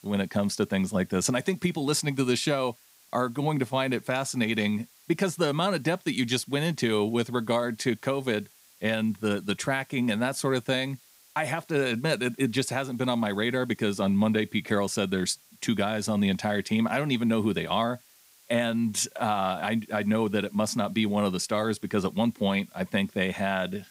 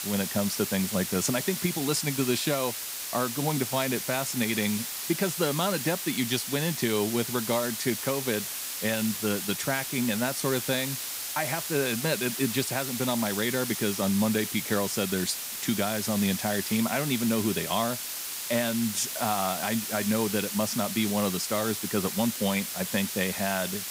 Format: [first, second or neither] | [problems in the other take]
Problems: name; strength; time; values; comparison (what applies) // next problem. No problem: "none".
first | hiss; loud; throughout; 3 dB below the speech; faint in the first